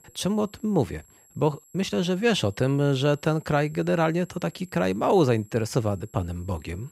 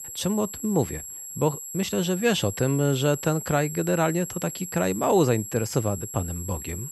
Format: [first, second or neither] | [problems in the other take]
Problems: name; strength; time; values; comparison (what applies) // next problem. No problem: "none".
first | high-pitched whine; loud; throughout; 7.5 kHz, 9 dB below the speech; faint in the first